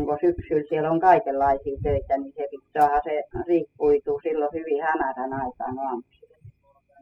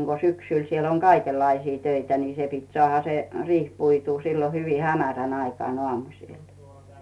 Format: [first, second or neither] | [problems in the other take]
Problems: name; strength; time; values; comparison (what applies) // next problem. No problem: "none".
second | noise reduction (classical method spectral subtraction)